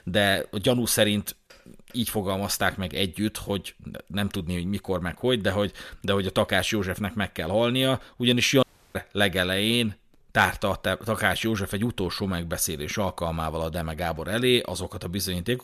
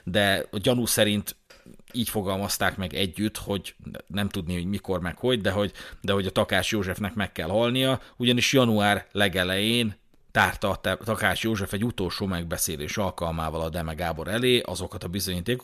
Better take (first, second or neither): second